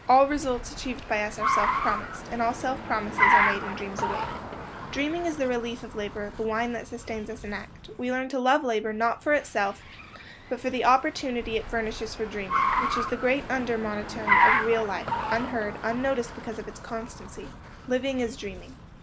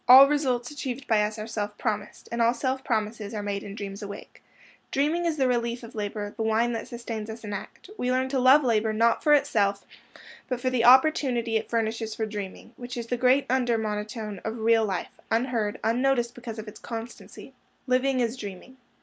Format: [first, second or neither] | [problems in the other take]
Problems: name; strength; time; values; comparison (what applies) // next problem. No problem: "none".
second | background sound (Car); 2 dB below the speech